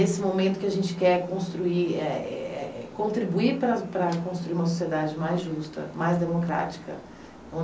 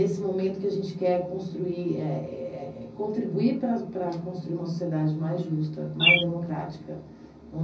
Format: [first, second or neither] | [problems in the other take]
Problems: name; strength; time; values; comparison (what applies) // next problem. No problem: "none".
first | background sound (Bird); 2 dB above the speech // room echo; dies away in 0.4 s